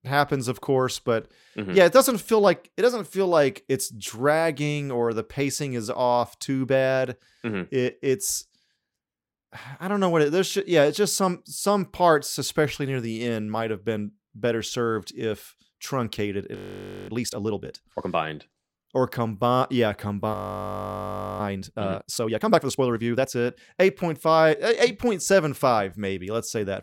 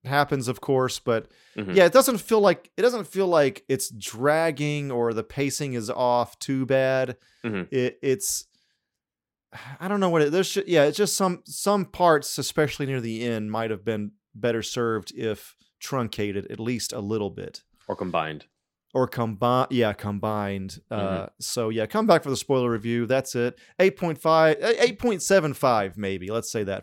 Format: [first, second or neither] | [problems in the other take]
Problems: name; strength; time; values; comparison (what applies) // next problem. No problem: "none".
second | audio freezing; at 17 s for 0.5 s and at 20 s for 1 s